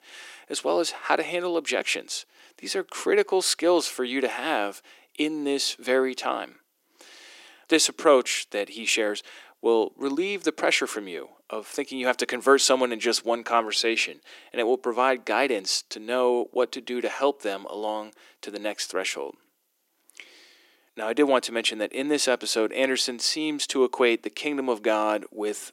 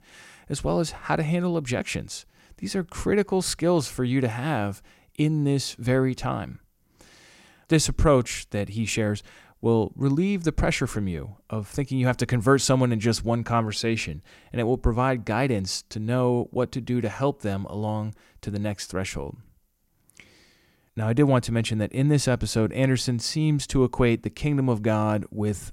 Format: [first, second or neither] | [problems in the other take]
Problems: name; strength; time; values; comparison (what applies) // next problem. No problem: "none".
second | thin; somewhat; fading below 300 Hz